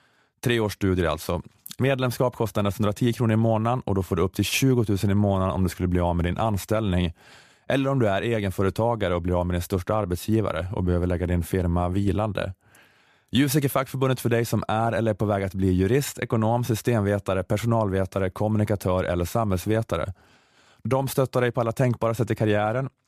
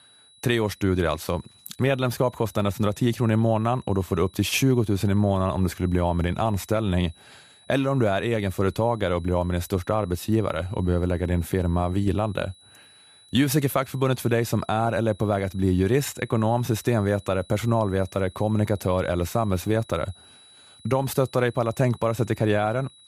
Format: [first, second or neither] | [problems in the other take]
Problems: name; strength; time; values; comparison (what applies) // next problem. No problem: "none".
first | high-pitched whine; faint; throughout; 4 kHz, 25 dB below the speech